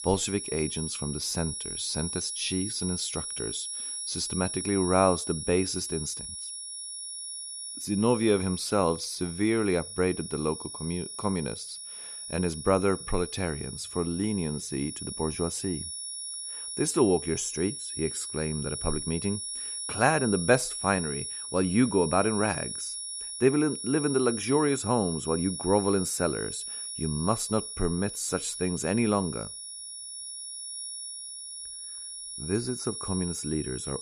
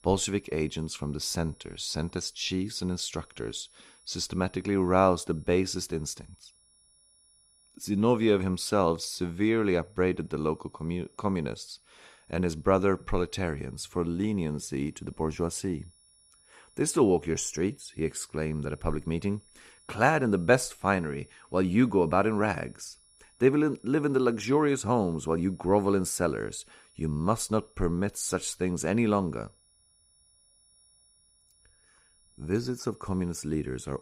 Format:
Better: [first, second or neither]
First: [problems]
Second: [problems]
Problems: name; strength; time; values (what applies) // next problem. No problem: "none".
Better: second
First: high-pitched whine; loud; throughout; 10 kHz, 6 dB below the speech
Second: high-pitched whine; faint; throughout; 10 kHz, 30 dB below the speech